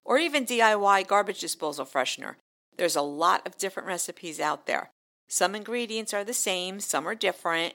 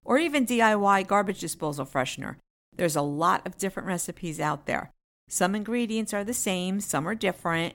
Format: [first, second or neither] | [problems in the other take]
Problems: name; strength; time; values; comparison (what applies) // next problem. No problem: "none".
second | thin; somewhat; fading below 400 Hz